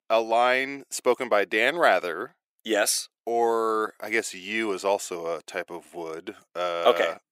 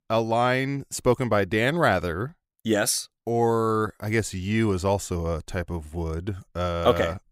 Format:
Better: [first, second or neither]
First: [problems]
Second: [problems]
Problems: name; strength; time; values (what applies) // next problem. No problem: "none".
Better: second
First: thin; very; fading below 350 Hz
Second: none